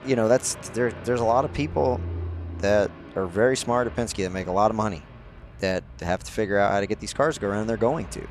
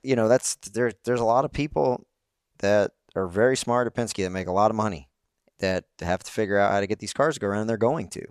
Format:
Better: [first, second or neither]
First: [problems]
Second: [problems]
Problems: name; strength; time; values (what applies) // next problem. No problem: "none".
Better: second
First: train or aircraft noise; noticeable; throughout; 15 dB below the speech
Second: none